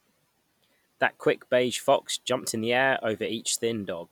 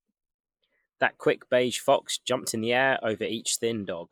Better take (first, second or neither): first